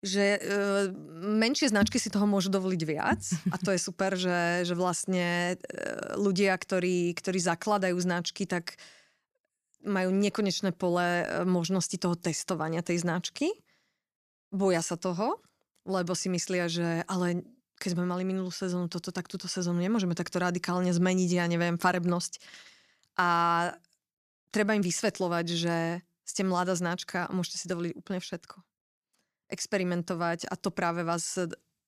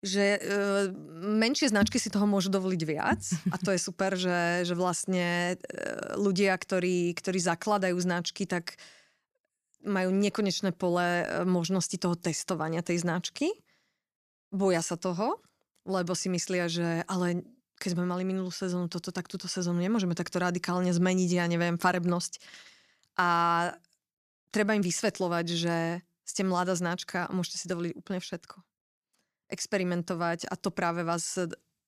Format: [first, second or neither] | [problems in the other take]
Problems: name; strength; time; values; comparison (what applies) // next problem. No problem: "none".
neither | none